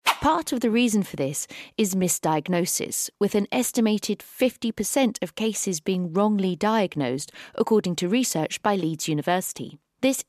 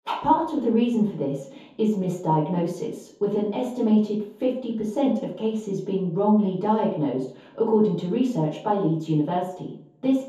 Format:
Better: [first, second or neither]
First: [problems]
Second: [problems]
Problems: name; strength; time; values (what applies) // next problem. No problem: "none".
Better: first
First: none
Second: room echo; noticeable; dies away in 0.6 s // off-mic speech; far